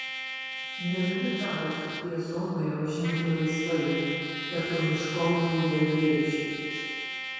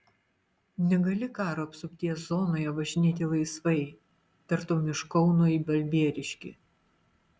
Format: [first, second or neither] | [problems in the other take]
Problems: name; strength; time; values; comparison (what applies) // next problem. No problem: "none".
second | background sound (Trumpet); 7 dB below the speech // room echo; dies away in 2.2 s